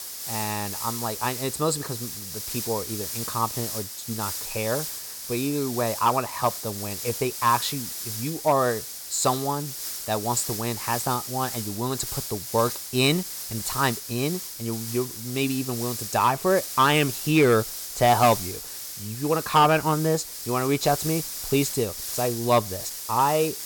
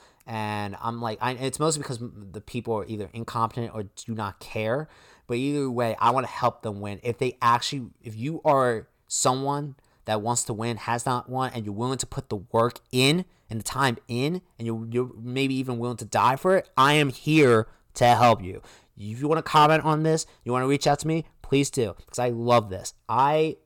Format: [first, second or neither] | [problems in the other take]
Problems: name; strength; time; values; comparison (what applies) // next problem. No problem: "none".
second | hiss; loud; throughout; 6 dB below the speech